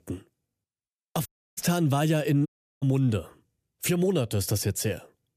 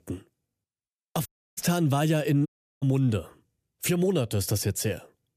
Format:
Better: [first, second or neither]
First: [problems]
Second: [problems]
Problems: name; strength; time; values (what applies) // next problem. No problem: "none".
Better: neither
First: audio cutting out; at 1.5 s and at 2.5 s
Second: audio cutting out; at 1.5 s and at 2.5 s